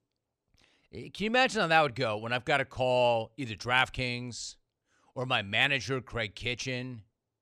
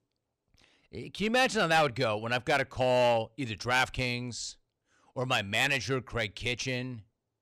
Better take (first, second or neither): first